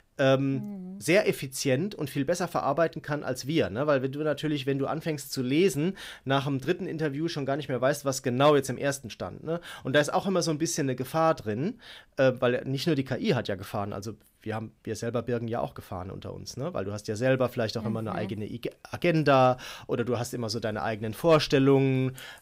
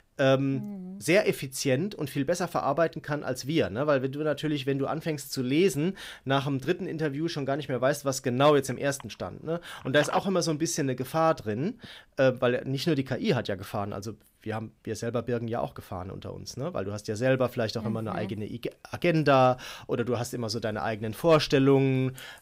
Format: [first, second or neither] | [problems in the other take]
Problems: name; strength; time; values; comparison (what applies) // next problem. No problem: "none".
first | phone ringing; noticeable; from 8.5 to 12 s; peak 8 dB below the speech